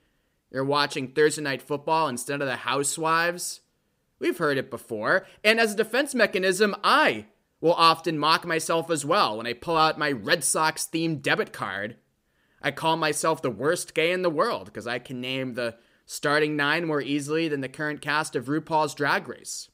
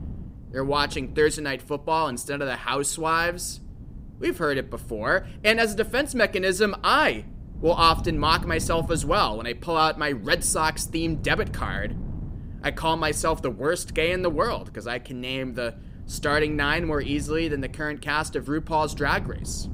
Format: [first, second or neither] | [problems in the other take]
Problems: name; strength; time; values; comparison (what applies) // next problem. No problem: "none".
first | wind noise on the microphone; occasional gusts; 25 dB below the speech